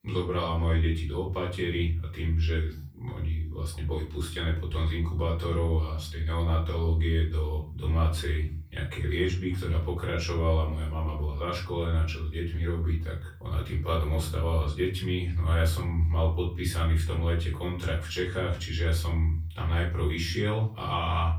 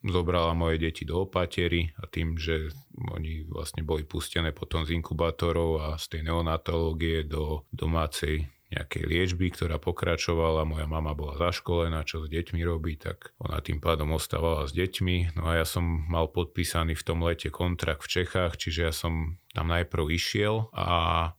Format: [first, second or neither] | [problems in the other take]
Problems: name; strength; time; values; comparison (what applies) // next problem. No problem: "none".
second | off-mic speech; far // room echo; slight; dies away in 0.4 s